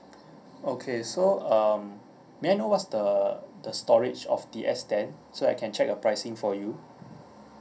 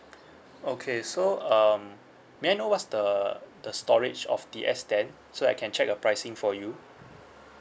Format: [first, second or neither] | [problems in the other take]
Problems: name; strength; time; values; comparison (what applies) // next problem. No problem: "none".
second | room echo; dies away in 0.3 s